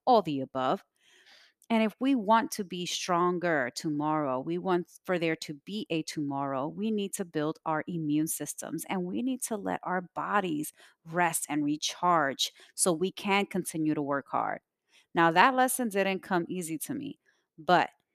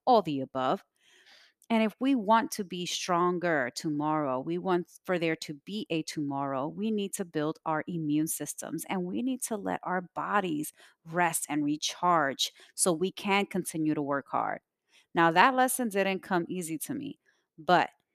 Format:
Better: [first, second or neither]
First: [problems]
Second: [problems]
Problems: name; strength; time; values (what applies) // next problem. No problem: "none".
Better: neither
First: none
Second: none